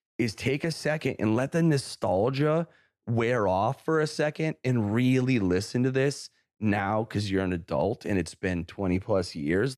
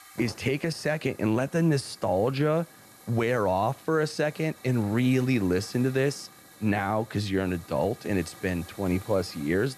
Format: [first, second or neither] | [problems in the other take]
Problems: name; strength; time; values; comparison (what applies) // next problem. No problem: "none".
first | hiss; faint; throughout; 20 dB below the speech